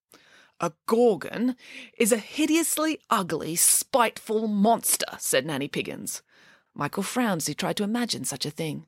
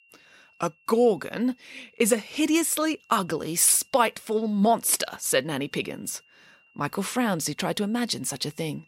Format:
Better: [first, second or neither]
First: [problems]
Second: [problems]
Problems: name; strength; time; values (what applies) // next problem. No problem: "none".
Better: first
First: none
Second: high-pitched whine; faint; throughout; 3 kHz, 35 dB below the speech